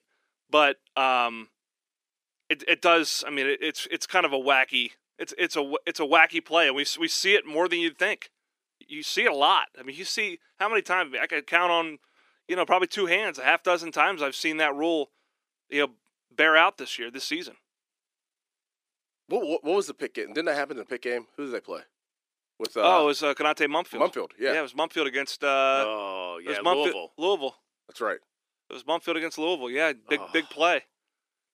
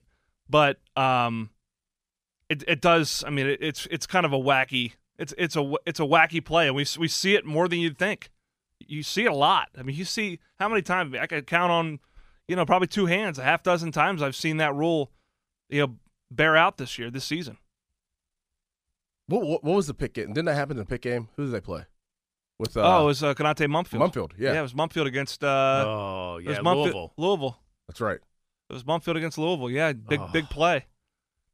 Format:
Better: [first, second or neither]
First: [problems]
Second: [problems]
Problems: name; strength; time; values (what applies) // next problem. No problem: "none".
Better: second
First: thin; somewhat; fading below 300 Hz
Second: none